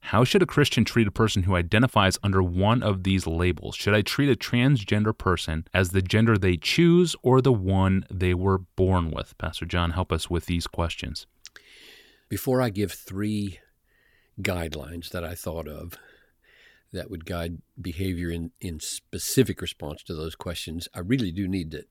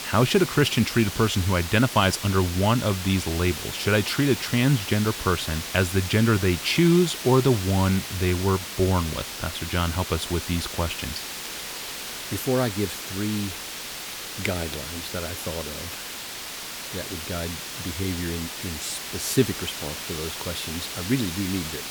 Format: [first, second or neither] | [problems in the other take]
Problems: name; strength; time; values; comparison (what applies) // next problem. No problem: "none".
first | hiss; loud; throughout; 7 dB below the speech